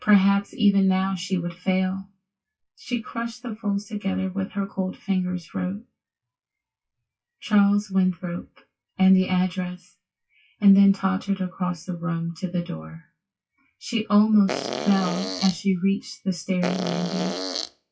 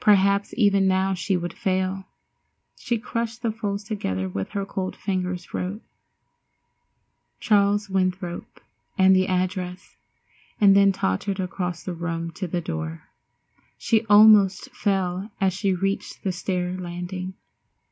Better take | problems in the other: second | noise reduction (classical method WPE with log-MMSE)

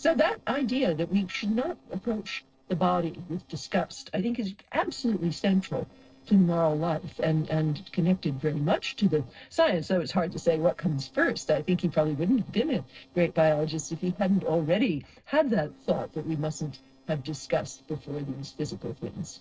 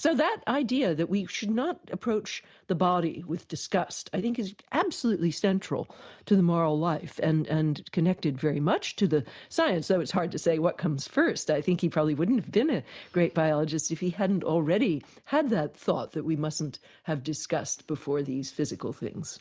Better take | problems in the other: second | noise reduction (neural separator model SepFormer DNS4)

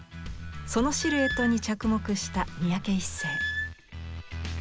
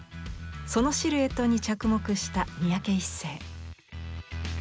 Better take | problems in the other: second | background sound (Squeak / Screech); 7 dB below the speech

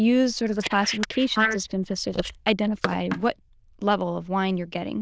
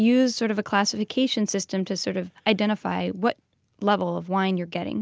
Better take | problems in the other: second | noise reduction (neural diffusion model UNIVERSE++)

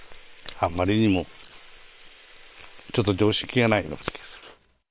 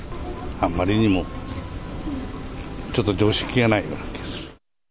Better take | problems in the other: second | noise reduction (neural separator model SepFormer WHAM!)

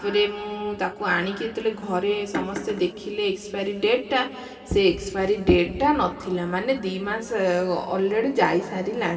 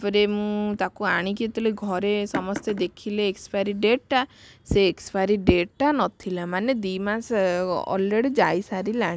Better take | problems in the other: second | room echo; dies away in 2.5 s

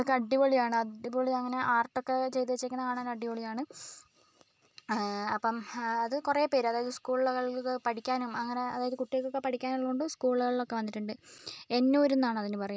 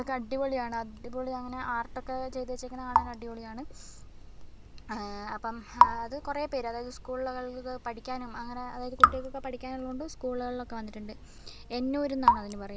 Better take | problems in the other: first | background sound (Raindrop / Drip); 3 dB above the speech

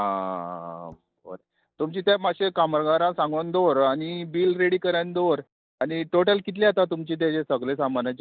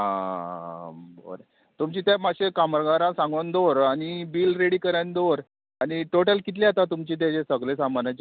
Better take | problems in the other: second | noise reduction (neural mask model DeepFilterNet 3)

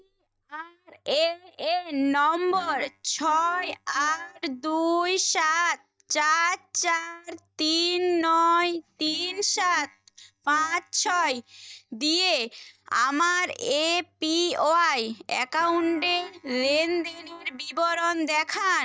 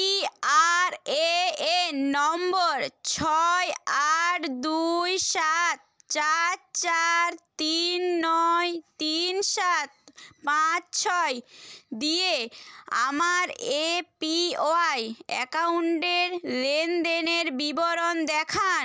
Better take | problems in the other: second | noise reduction (neural mask model DeepFilterNet 3)

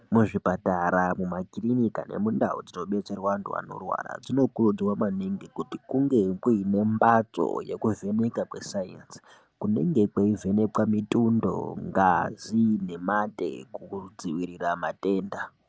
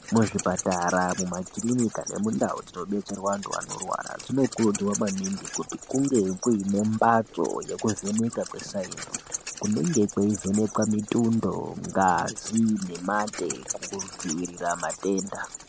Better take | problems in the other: first | background sound (Wild animals); 11 dB below the speech

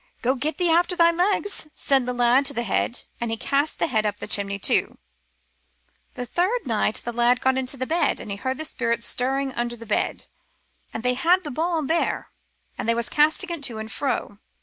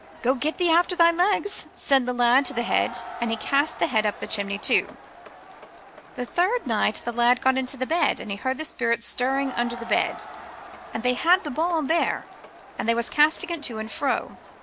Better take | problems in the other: first | background sound (Crowd); 16 dB below the speech

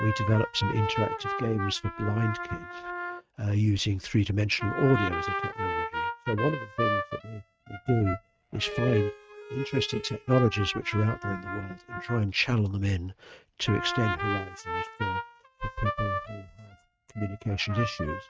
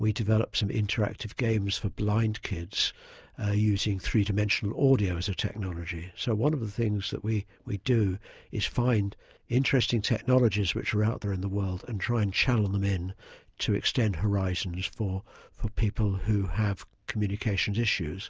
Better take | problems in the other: second | noise reduction (neural mask model RNNoise)

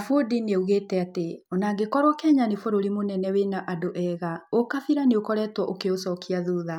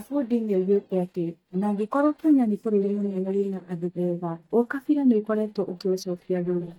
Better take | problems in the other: first | noise reduction (neural mask model DeepFilterNet 3)

